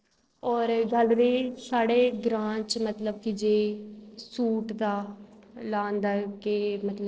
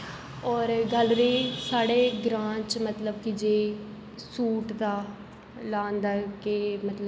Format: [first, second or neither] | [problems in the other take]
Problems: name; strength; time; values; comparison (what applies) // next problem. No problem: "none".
second | noise reduction (neural separator model SepFormer DNS4)